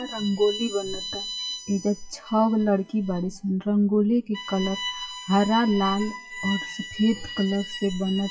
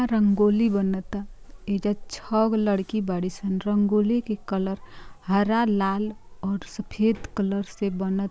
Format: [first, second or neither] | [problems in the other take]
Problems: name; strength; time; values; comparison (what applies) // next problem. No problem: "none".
second | noise reduction (classical method WPE with log-MMSE)